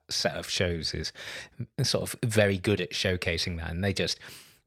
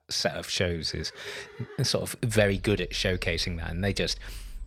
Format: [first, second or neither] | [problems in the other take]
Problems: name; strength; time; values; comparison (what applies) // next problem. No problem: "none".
first | animal sounds; noticeable; from 1 s on; 20 dB below the speech